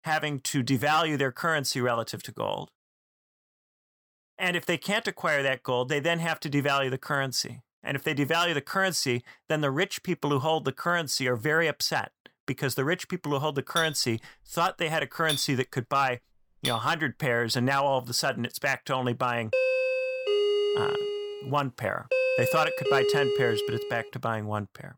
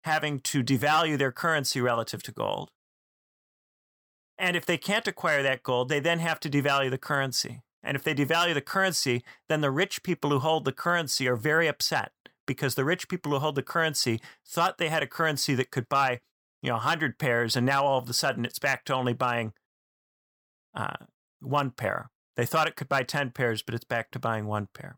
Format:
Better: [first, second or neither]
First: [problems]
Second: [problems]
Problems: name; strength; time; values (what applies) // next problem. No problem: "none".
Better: second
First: clattering dishes; noticeable; from 14 to 17 s; peak 4 dB below the speech // doorbell; loud; from 20 to 24 s; peak 3 dB above the speech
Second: none